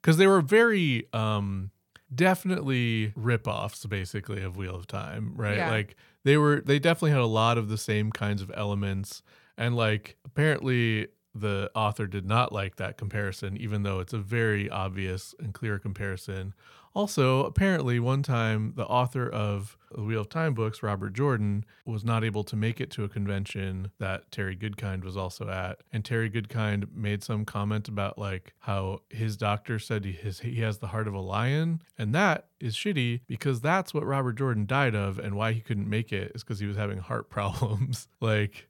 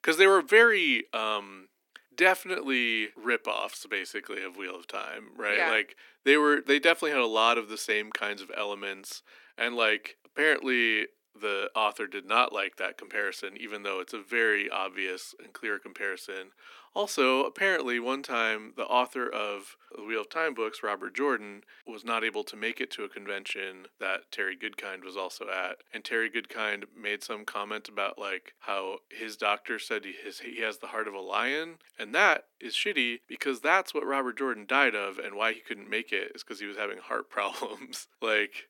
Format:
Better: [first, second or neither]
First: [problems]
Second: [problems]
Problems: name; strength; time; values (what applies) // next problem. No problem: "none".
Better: first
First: none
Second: thin; very; fading below 250 Hz